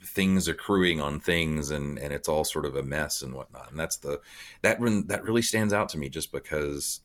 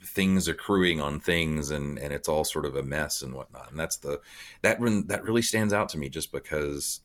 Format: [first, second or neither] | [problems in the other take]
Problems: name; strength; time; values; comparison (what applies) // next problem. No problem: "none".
neither | none